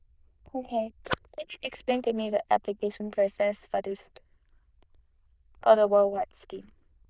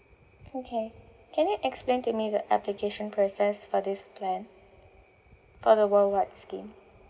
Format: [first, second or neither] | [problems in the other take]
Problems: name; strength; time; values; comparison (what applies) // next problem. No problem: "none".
second | noise reduction (neural diffusion model UNIVERSE++)